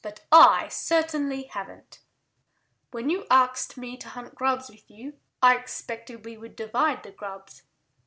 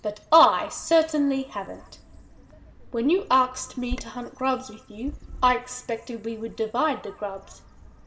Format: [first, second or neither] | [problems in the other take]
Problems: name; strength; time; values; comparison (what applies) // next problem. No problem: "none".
first | background sound (Bird vocalization, bird call, bird song); 17 dB below the speech // room echo; dies away in 2.1 s